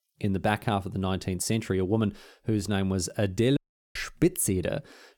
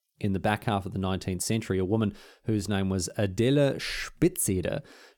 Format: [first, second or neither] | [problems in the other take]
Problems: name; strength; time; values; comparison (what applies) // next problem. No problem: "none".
second | audio cutting out; at 3.5 s